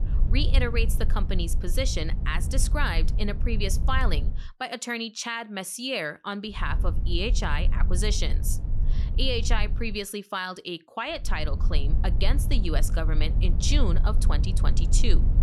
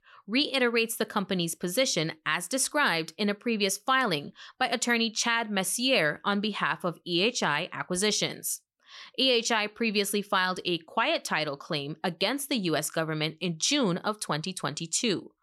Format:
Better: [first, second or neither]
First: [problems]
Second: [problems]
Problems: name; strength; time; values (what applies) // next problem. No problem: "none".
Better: second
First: low rumble; noticeable; until 4.5 s, from 6.5 to 10 s and from 11 s on; 15 dB below the speech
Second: none